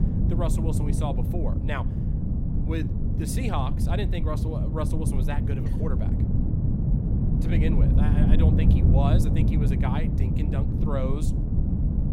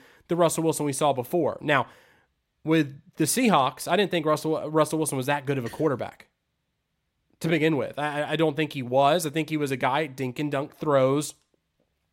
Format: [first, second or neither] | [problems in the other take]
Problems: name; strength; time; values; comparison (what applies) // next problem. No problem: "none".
second | wind noise on the microphone; heavy; 1 dB below the speech